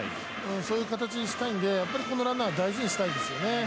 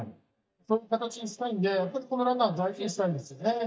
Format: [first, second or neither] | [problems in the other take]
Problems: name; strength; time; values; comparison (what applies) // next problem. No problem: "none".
first | noise reduction (neural mask model DeepFilterNet 3)